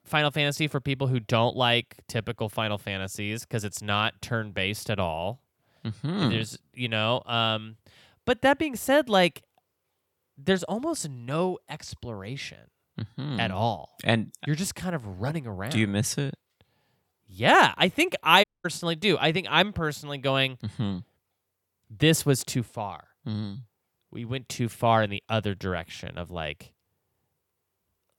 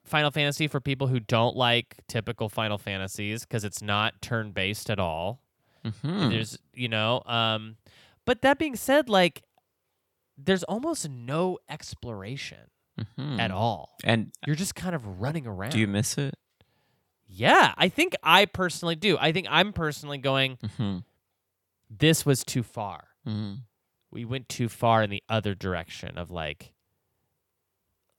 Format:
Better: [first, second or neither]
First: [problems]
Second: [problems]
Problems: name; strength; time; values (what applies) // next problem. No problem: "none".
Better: second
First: audio cutting out; at 18 s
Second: none